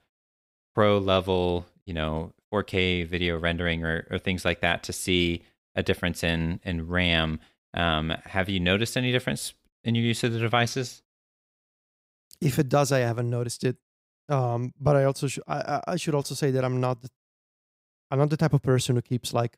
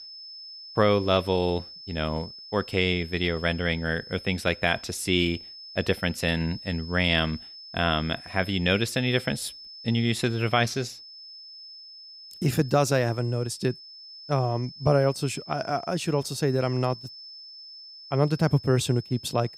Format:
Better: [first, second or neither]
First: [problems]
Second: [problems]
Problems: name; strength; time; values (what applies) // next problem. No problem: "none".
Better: first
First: none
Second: high-pitched whine; noticeable; throughout; 5 kHz, 15 dB below the speech